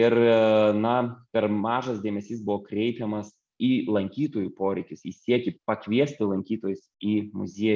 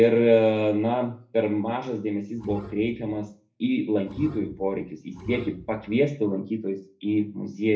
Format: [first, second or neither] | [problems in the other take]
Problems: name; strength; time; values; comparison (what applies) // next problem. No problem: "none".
first | background sound (Bowed string instrument); 16 dB below the speech // room echo; dies away in 0.3 s